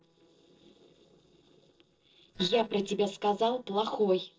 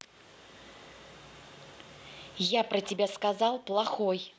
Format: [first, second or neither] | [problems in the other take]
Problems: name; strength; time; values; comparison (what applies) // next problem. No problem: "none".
second | noise reduction (neural separator model SepFormer DNS4)